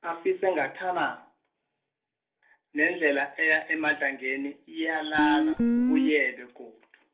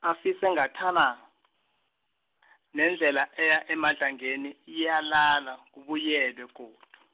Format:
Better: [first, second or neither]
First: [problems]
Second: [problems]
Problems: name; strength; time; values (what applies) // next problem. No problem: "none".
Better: second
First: noise reduction (neural separator model SepFormer DNS4)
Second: none